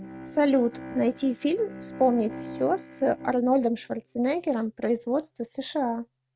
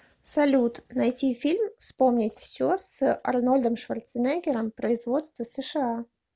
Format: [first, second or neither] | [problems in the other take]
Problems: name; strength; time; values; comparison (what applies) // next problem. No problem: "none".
second | noise reduction (neural mask model RNNoise)